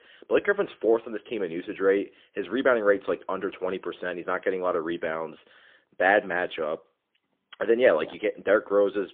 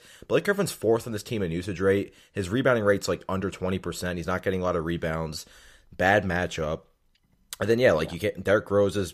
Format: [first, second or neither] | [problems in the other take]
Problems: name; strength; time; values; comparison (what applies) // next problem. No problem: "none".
second | phone-call audio; poor line